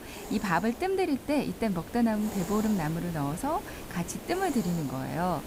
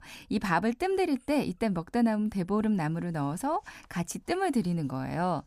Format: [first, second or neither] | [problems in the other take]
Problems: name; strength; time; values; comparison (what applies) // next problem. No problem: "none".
second | hiss; noticeable; throughout; 10 dB below the speech